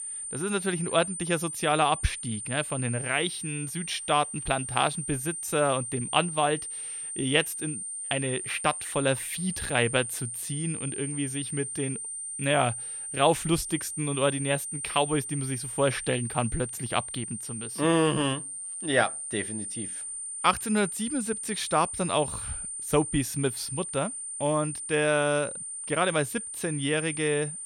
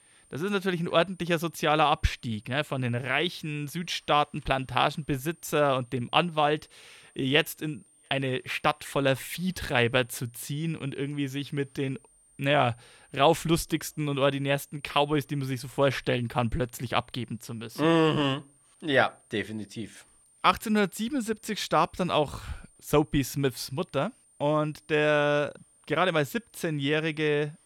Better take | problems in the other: second | high-pitched whine; loud; throughout; 9 kHz, 5 dB below the speech; faint in the second

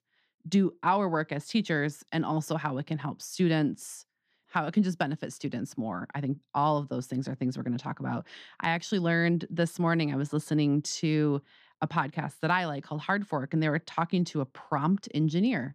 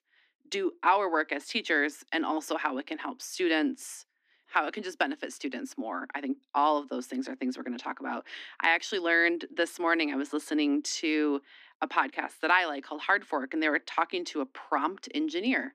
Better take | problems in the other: first | thin; somewhat; fading below 250 Hz

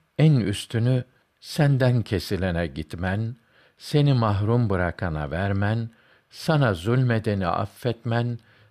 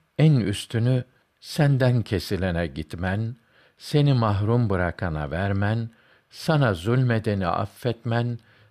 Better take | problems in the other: neither | none

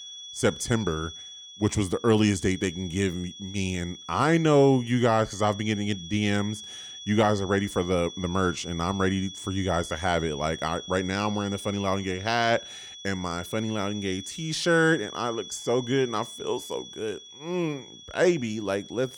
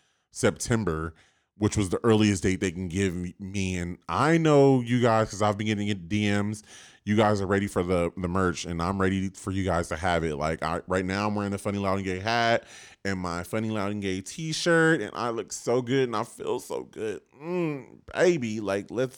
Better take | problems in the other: second | high-pitched whine; noticeable; throughout; 3.5 kHz, 15 dB below the speech

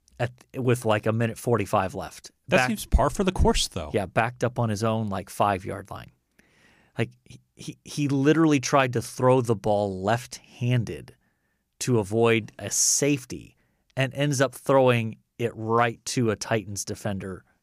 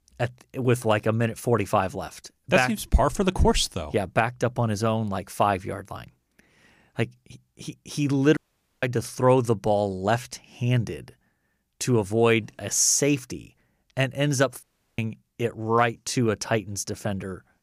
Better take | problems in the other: first | audio cutting out; at 8.5 s and at 15 s

